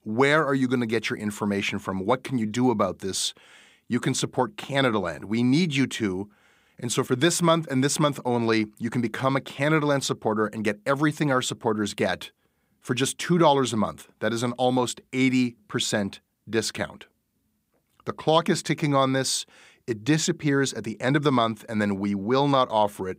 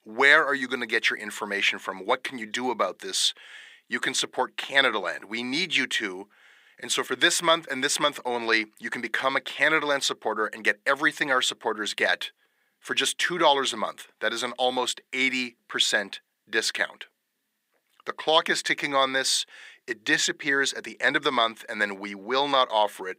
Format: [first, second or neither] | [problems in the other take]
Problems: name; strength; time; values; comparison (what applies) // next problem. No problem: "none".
first | thin; somewhat; fading below 450 Hz